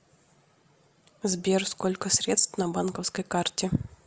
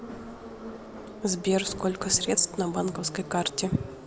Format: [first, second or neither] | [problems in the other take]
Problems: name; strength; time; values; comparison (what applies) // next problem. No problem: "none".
first | background sound (Subway, metro, underground); 11 dB below the speech